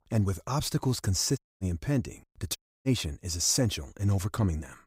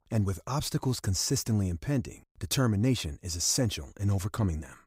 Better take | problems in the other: second | audio cutting out; at 1.5 s and at 2.5 s

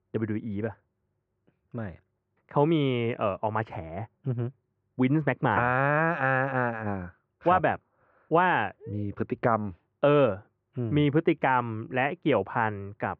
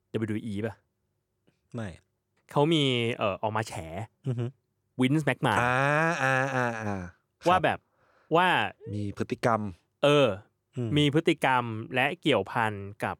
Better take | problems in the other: second | muffled; very; fading above 2 kHz

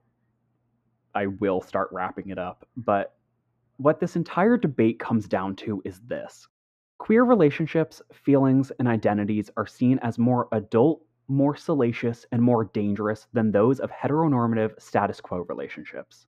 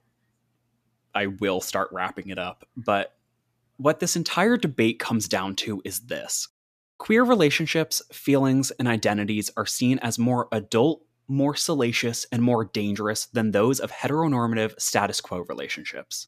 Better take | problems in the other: second | muffled; very; fading above 3 kHz

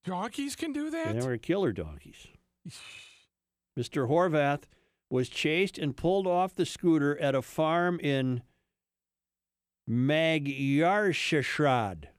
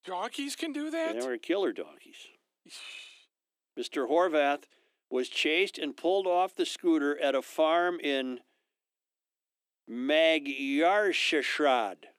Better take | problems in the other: first | thin; very slightly; fading below 250 Hz

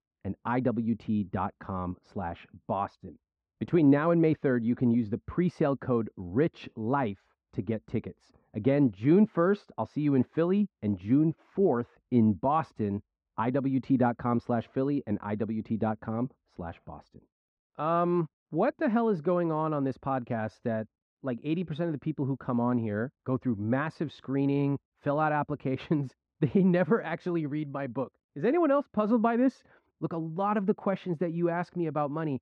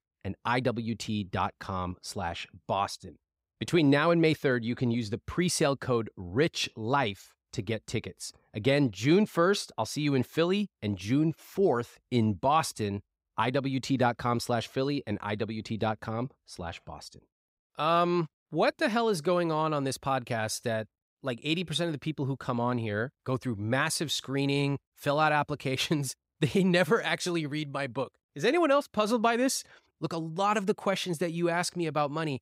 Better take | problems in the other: second | muffled; very; fading above 1.5 kHz

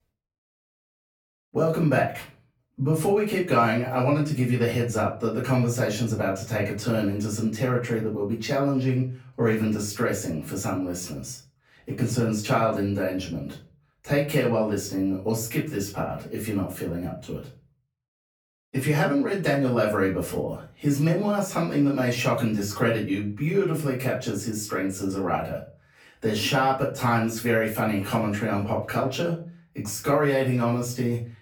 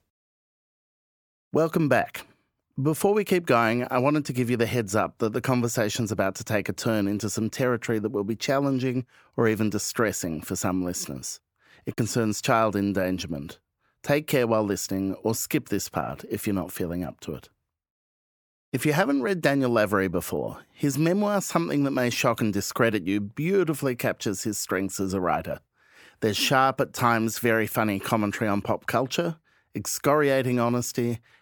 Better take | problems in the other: second | room echo; slight; dies away in 0.4 s // off-mic speech; far

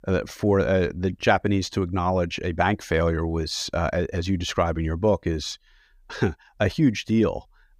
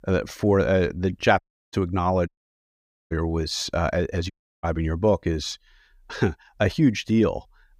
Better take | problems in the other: first | audio cutting out; at 1.5 s, at 2.5 s for 1 s and at 4.5 s

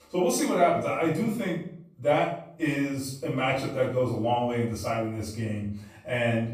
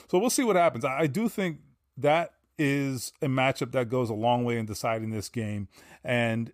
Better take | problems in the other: second | room echo; noticeable; dies away in 0.5 s // off-mic speech; far

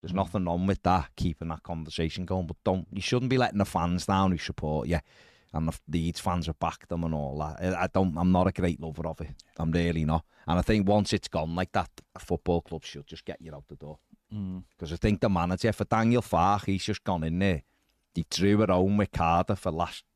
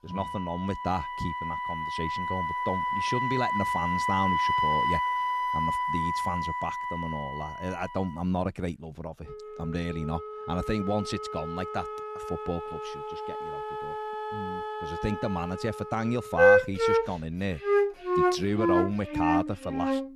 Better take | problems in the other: first | background music; very loud; throughout; 4 dB above the speech

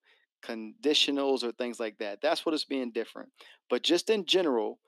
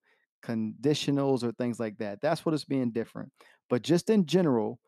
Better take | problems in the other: second | thin; very slightly; fading below 300 Hz

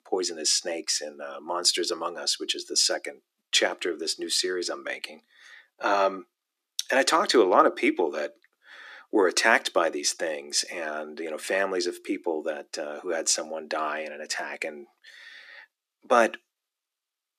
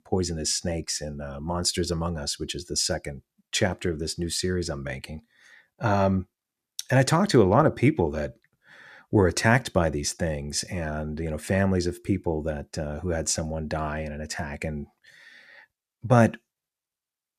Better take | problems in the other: second | thin; very; fading below 300 Hz

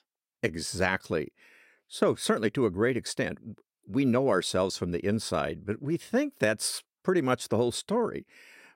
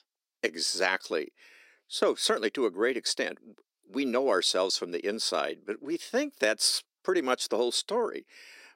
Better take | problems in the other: first | thin; very slightly; fading below 300 Hz

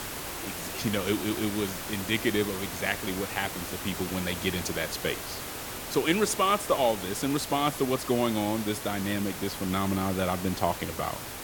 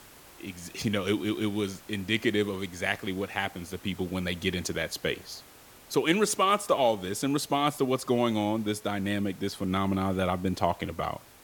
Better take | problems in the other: second | hiss; loud; throughout; 6 dB below the speech; faint in the second

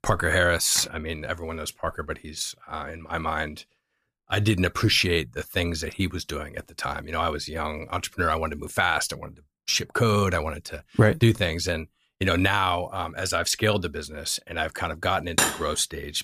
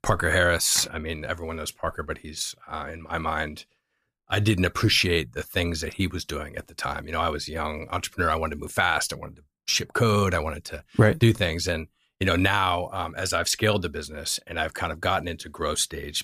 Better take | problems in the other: second | clattering dishes; loud; at 15 s; peak 3 dB above the speech

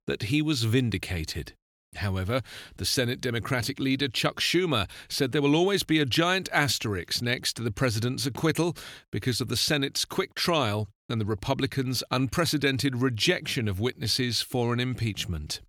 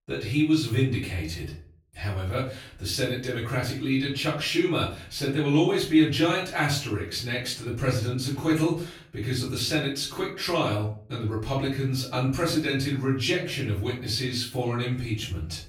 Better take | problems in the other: first | off-mic speech; far // room echo; noticeable; dies away in 0.4 s

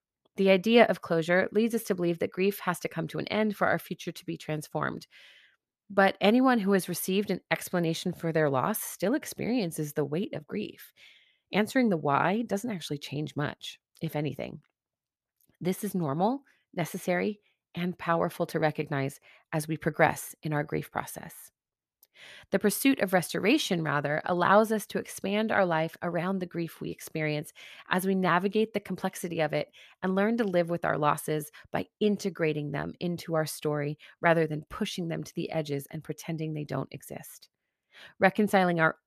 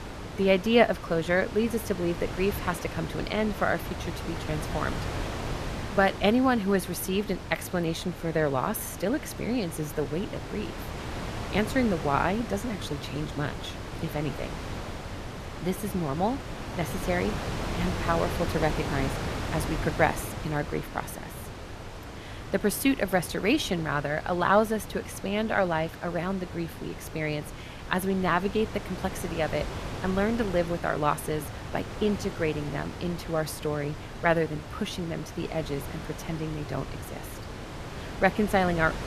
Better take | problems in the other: first | wind noise on the microphone; heavy; 10 dB below the speech

